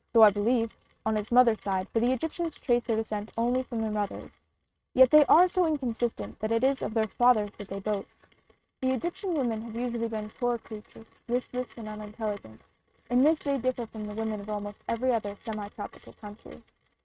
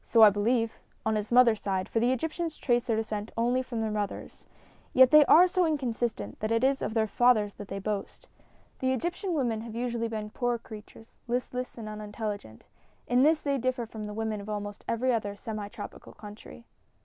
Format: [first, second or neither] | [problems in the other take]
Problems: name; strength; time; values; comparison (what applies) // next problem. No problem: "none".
second | noise reduction (neural mask model RNNoise)